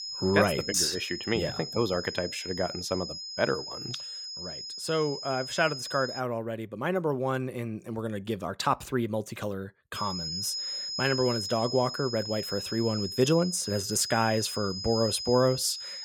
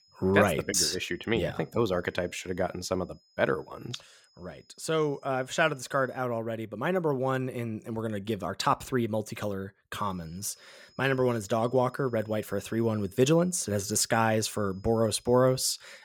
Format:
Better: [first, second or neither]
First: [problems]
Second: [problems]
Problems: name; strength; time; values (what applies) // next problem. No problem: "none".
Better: second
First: high-pitched whine; loud; until 6 s and from 10 s on; 5 kHz, 6 dB below the speech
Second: high-pitched whine; faint; until 6 s and from 10 s on; 5 kHz, 35 dB below the speech